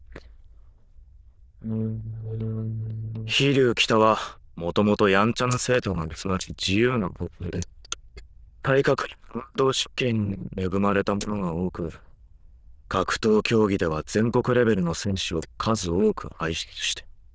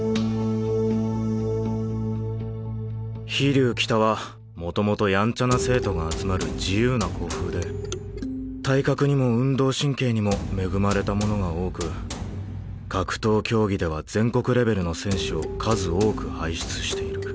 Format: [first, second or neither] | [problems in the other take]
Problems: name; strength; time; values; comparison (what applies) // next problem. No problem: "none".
second | noise reduction (neural diffusion model UNIVERSE++)